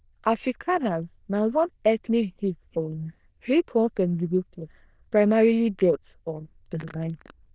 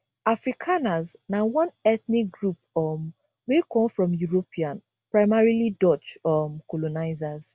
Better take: second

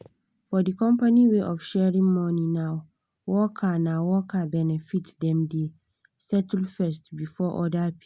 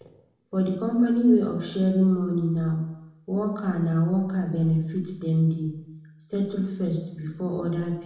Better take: first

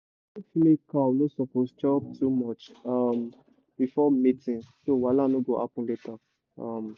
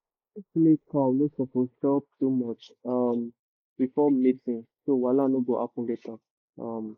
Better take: first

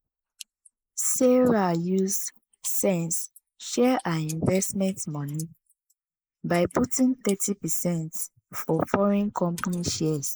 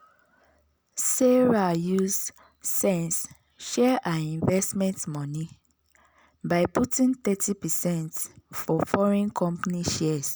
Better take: second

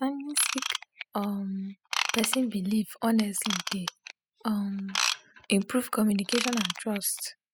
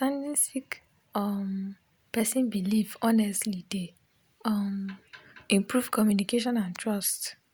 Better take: second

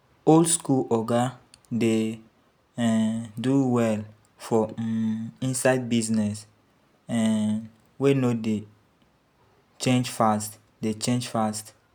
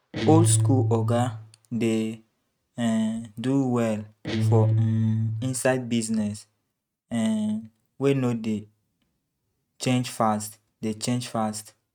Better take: first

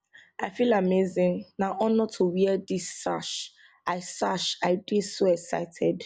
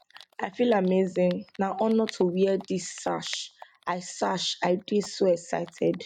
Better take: first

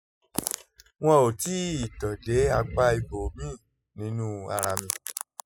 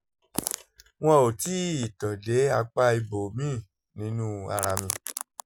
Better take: second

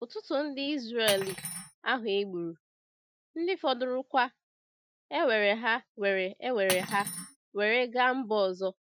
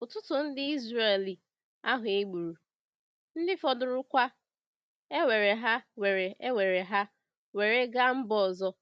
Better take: second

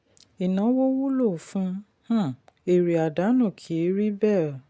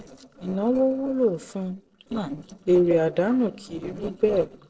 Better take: first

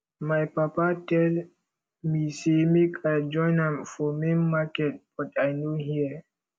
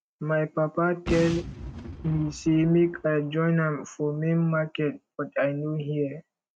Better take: first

